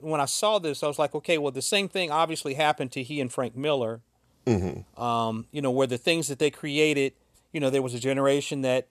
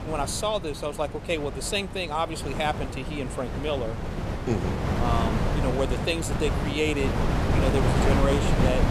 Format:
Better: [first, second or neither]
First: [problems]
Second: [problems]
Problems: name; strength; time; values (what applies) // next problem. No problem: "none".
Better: first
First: none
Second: wind noise on the microphone; heavy; 2 dB below the speech